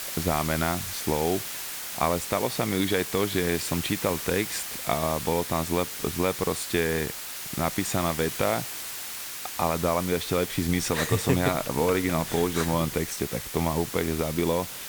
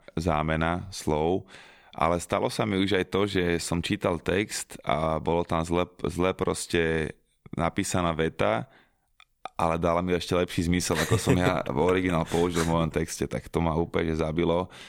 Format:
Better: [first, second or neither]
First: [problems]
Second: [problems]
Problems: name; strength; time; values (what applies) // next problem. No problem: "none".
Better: second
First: hiss; loud; throughout; 6 dB below the speech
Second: none